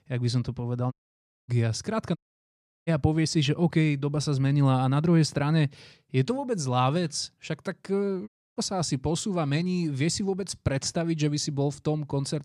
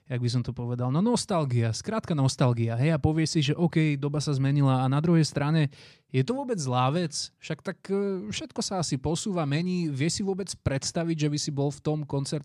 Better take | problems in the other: second | audio cutting out; at 1 s for 0.5 s, at 2 s for 0.5 s and at 8.5 s

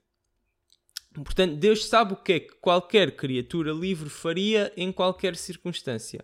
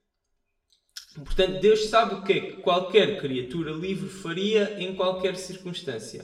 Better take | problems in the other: first | room echo; slight; dies away in 0.7 s // off-mic speech; somewhat distant

